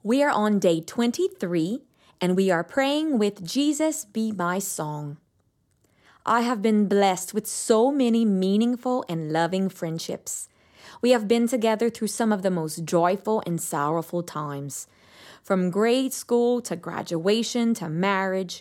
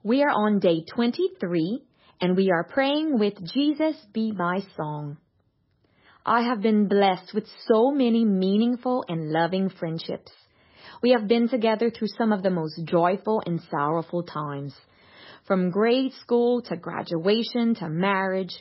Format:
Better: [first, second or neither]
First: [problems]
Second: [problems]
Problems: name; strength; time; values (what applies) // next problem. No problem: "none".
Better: first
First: none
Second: garbled, watery; badly; nothing above 5.5 kHz